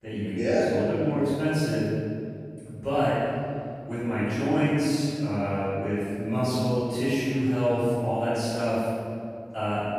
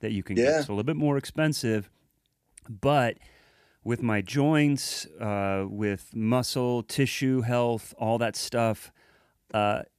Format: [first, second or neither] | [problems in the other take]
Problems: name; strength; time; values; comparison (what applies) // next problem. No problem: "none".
second | off-mic speech; far // room echo; strong; dies away in 2.3 s